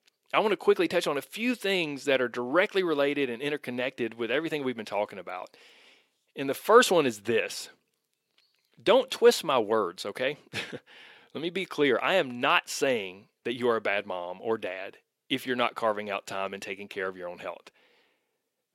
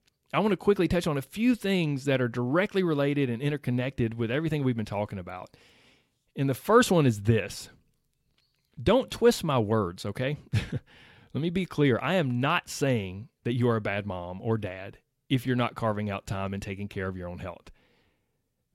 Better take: second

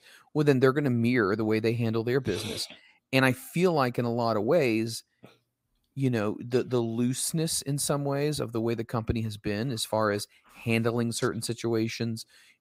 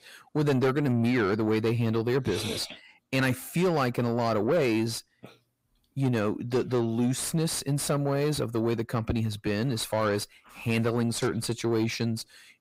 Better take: first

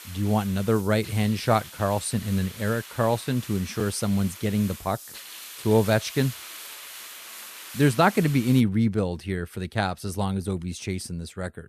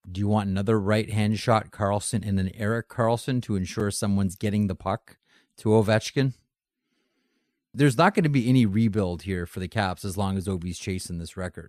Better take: second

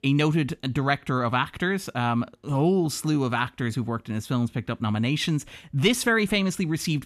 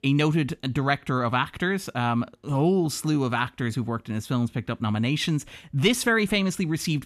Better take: neither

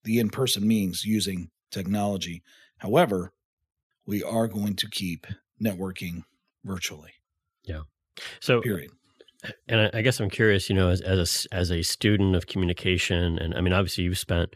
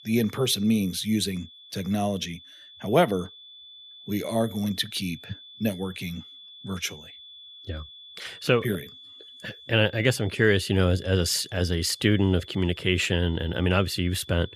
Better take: first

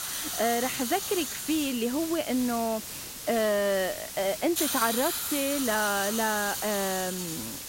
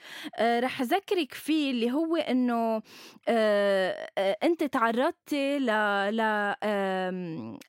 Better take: second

